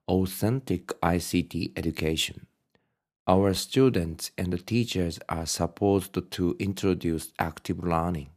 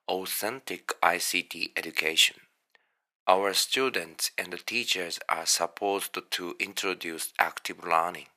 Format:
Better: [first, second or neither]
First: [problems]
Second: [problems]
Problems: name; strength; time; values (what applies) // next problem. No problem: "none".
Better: first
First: none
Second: thin; very; fading below 750 Hz